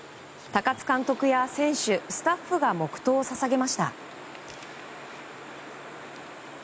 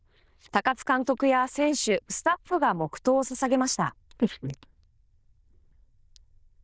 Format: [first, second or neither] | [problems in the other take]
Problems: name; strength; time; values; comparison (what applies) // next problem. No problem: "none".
first | noise reduction (neural diffusion model UNIVERSE++)